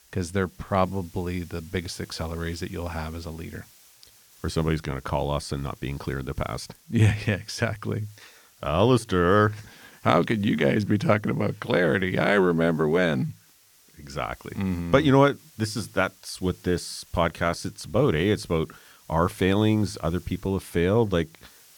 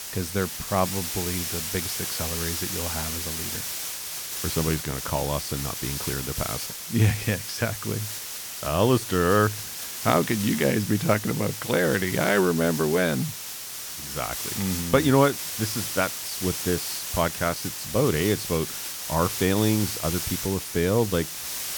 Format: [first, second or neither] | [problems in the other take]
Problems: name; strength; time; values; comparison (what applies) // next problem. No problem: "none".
first | hiss; loud; throughout; 4 dB below the speech; faint in the first